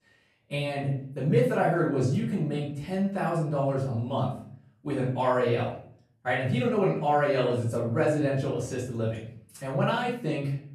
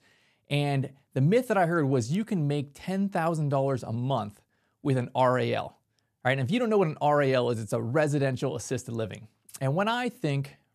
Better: second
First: off-mic speech; far // room echo; noticeable; dies away in 0.5 s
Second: none

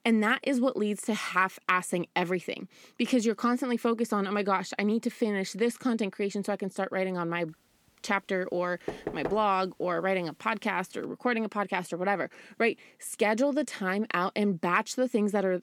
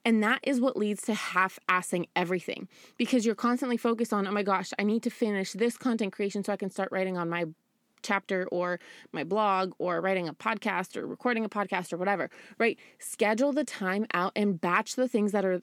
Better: second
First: door banging; noticeable; at 9 s; peak 7 dB below the speech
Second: none

